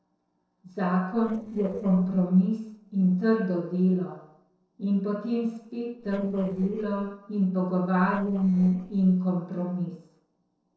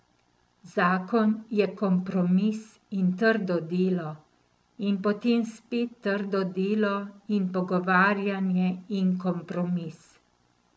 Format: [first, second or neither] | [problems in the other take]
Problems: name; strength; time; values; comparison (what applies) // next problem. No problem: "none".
second | noise reduction (neural separator model SepFormer DNS4)